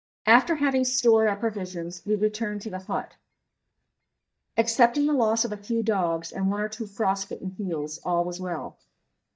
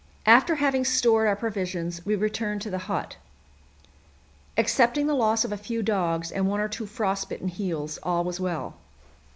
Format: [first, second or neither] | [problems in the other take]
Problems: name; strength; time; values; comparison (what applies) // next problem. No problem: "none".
second | noise reduction (neural mask model DeepFilterNet 3)